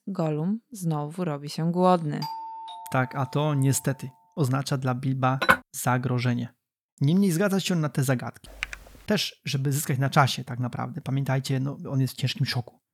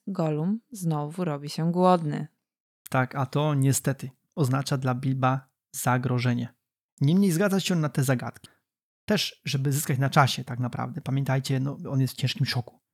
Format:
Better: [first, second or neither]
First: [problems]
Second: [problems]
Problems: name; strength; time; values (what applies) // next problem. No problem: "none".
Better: second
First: doorbell; noticeable; from 2 to 4 s; peak 9 dB below the speech // clattering dishes; loud; at 5.5 s; peak 4 dB above the speech // keyboard typing; noticeable; at 8.5 s; peak 9 dB below the speech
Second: none